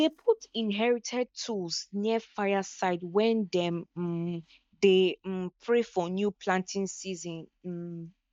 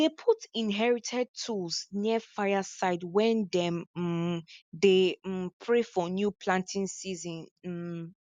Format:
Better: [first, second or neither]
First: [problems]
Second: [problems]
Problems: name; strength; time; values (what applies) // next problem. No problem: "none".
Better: second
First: noise reduction (neural mask model DeepFilterNet 3)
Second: none